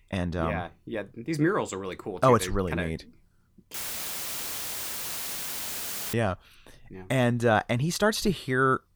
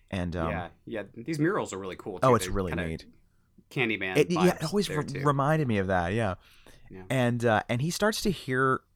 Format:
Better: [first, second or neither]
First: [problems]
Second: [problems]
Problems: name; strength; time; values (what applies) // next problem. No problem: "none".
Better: second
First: audio cutting out; filled with static; at 3.5 s for 2.5 s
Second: none